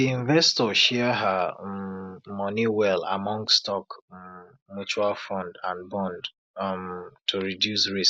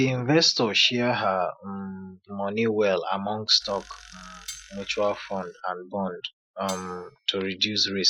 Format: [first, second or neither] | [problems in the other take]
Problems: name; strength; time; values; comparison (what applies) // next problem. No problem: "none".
first | noise reduction (classical method Wiener filter)